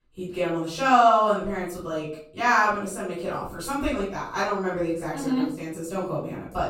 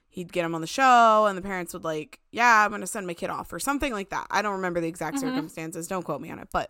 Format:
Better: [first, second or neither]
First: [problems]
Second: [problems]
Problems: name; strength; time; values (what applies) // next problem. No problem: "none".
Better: second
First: off-mic speech; far // room echo; noticeable; dies away in 0.5 s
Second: none